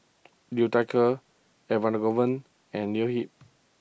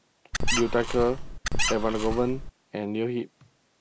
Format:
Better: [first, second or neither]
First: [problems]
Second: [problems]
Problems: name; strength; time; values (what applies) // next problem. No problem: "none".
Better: first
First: none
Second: background sound (Squeak); 2 dB above the speech